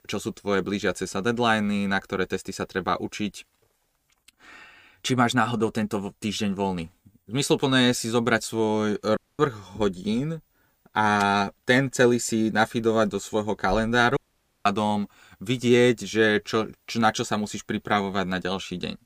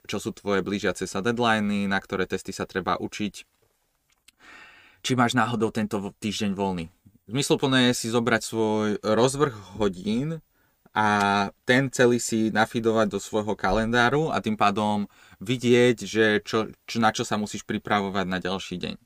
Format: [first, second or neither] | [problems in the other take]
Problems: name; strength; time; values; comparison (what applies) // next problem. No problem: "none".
second | audio cutting out; at 9 s and at 14 s